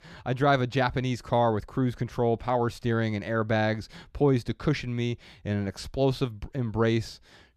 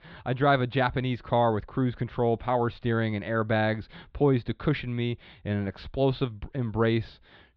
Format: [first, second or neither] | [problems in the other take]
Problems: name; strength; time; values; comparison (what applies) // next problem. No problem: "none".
first | muffled; slightly; fading above 3.5 kHz